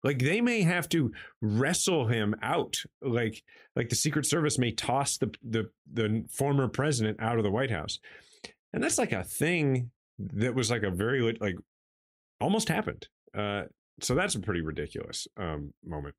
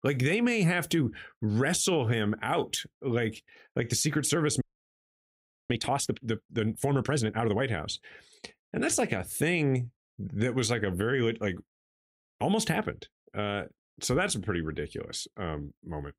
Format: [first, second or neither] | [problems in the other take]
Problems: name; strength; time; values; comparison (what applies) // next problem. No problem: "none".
first | audio freezing; at 4.5 s for 1 s